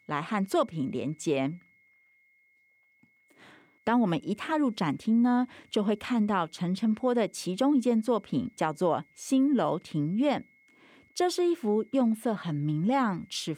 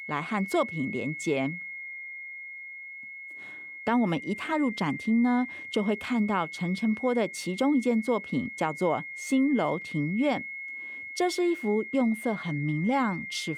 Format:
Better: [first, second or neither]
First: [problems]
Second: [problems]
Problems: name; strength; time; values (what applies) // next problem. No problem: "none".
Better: first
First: high-pitched whine; faint; throughout; 2 kHz, 35 dB below the speech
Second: high-pitched whine; loud; throughout; 2 kHz, 9 dB below the speech